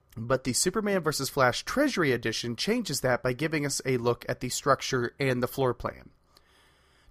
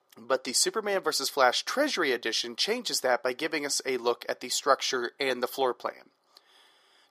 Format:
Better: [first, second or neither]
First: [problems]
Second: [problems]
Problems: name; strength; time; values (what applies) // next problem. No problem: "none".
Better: first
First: none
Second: thin; somewhat; fading below 350 Hz